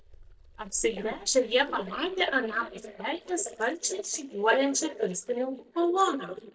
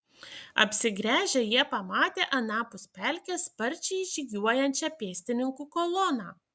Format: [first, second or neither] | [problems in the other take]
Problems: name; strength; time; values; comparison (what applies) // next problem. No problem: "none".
second | noise reduction (neural mask model DeepFilterNet 3)